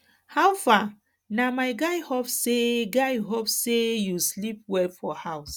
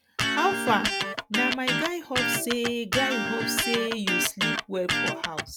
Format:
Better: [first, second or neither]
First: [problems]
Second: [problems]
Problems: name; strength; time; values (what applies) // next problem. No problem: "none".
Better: first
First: none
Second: background sound (Electric guitar); 1 dB above the speech